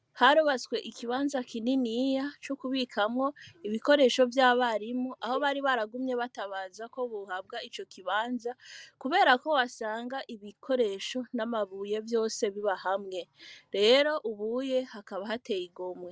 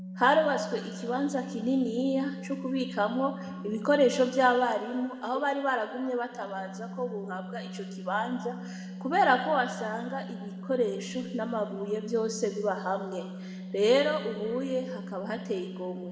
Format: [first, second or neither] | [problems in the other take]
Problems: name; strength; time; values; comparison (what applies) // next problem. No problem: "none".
first | background sound (Organ); 11 dB below the speech // room echo; dies away in 1.6 s